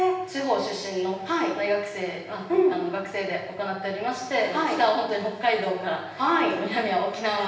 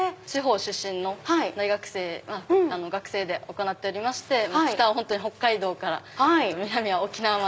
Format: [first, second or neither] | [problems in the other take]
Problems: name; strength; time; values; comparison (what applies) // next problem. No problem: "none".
second | room echo; dies away in 0.9 s